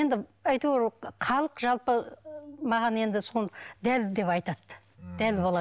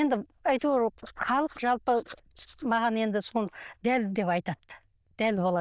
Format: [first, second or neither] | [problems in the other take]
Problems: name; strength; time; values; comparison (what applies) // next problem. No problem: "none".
first | noise reduction (neural diffusion model UNIVERSE++)